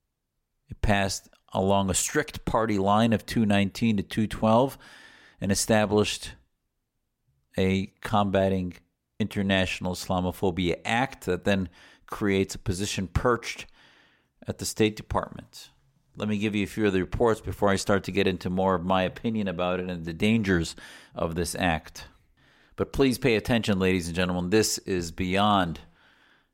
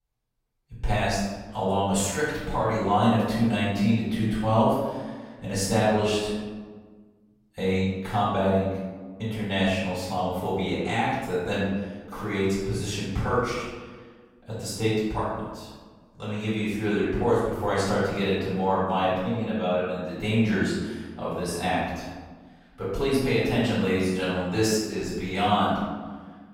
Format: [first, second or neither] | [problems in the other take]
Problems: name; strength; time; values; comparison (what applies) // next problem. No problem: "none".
first | off-mic speech; far // room echo; noticeable; dies away in 1.1 s